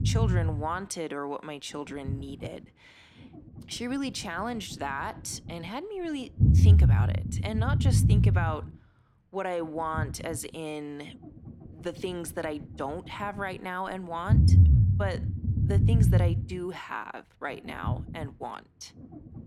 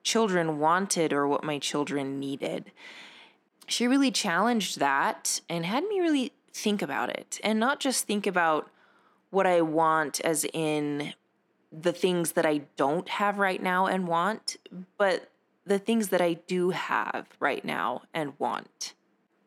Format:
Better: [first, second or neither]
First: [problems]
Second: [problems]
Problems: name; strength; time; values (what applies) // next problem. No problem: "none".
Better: second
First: low rumble; loud; throughout; 3 dB below the speech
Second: none